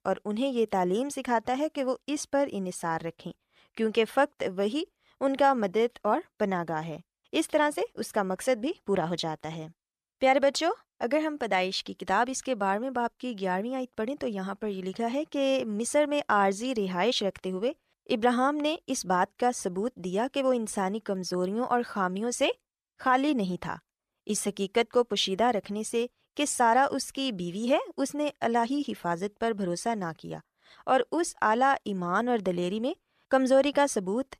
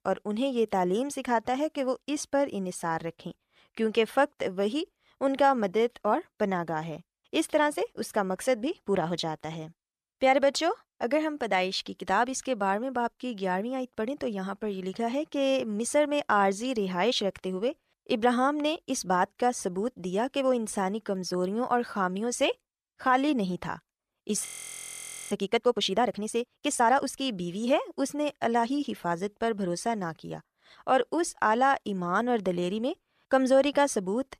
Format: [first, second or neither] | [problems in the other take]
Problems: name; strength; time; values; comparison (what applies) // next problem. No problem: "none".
first | audio freezing; at 24 s for 1 s